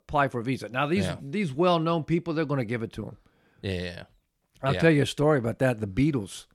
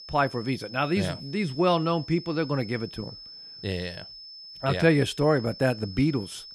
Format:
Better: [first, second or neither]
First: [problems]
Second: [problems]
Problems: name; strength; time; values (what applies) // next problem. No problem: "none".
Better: first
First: none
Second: high-pitched whine; noticeable; throughout; 5 kHz, 15 dB below the speech